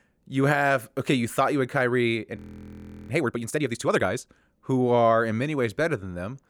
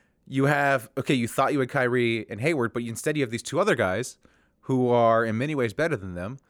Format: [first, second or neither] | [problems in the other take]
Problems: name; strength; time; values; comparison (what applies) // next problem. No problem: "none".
second | audio freezing; at 2.5 s for 0.5 s